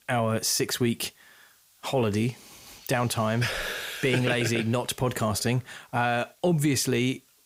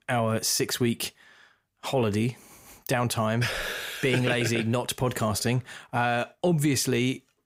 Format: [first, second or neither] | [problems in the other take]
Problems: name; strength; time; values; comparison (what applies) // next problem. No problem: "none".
second | hiss; faint; throughout; 25 dB below the speech